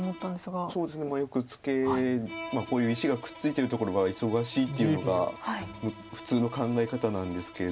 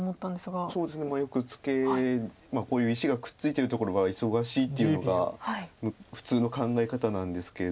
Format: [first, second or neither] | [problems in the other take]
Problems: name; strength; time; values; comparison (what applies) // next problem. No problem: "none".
second | background sound (Bowed string instrument + Bowed string instrument); 16 dB below the speech